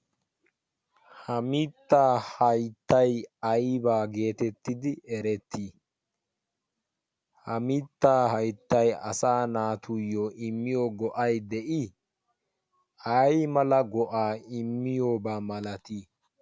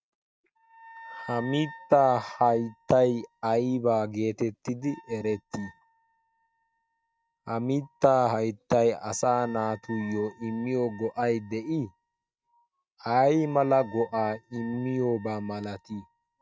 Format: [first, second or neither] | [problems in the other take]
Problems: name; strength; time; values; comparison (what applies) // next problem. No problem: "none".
first | noise reduction (neural mask model RNNoise)